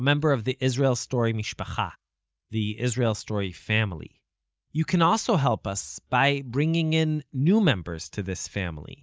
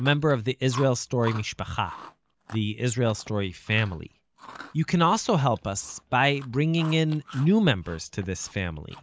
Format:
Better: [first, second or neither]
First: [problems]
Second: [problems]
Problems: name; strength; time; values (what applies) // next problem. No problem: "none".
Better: first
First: none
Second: background sound (Chewing, mastication); 20 dB below the speech